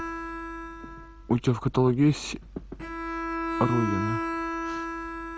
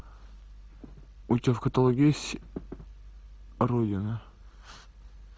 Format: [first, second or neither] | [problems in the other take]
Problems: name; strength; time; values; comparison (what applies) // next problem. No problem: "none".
second | background sound (Bowed string instrument); 5 dB below the speech